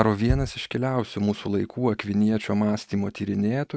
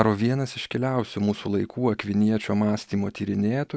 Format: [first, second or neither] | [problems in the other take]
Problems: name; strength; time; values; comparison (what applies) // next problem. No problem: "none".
second | noise reduction (neural mask model RNNoise)